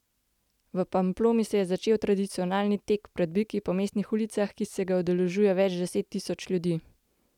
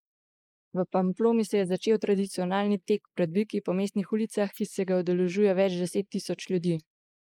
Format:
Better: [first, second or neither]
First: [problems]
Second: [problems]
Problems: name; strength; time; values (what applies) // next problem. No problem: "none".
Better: first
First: none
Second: noise reduction (neural mask model Resemble Enhance denoiser)